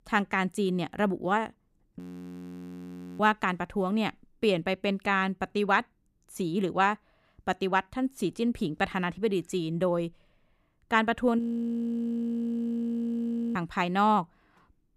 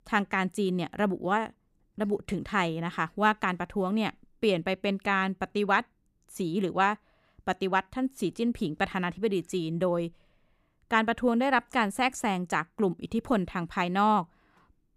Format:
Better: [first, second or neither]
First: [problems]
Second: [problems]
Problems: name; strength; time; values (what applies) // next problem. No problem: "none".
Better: second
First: audio freezing; at 2 s for 1 s and at 11 s for 2 s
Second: none